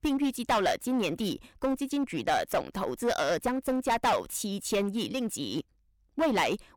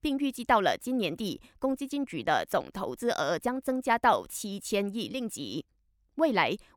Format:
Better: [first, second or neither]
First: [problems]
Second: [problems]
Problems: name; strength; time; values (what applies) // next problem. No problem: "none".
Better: second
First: distortion; heavy; 9% of the sound clipped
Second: none